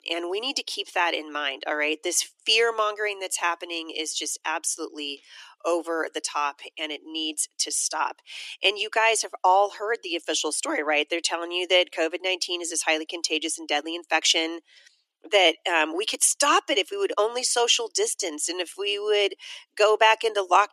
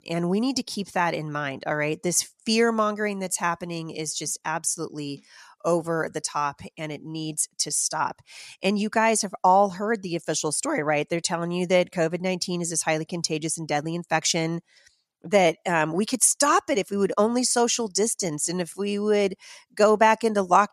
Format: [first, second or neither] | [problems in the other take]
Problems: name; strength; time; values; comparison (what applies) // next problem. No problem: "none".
second | thin; very; fading below 300 Hz